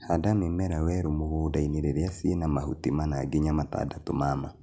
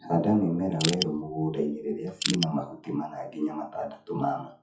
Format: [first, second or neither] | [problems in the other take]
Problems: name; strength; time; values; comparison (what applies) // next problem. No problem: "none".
first | noise reduction (classical method WPE with log-MMSE)